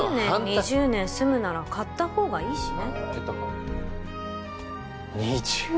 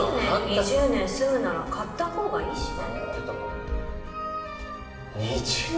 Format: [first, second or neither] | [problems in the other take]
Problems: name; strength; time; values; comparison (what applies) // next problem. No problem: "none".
first | room echo; dies away in 1.4 s